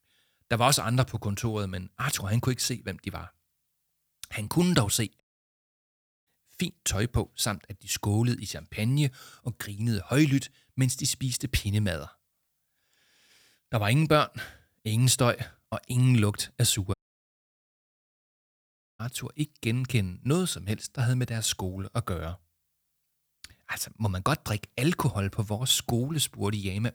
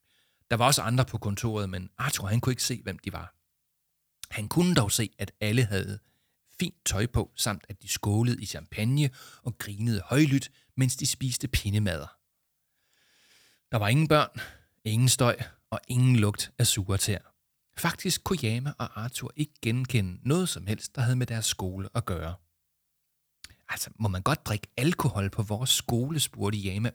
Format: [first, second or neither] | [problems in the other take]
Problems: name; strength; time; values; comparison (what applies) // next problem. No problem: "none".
second | audio cutting out; at 5 s for 1 s and at 17 s for 2 s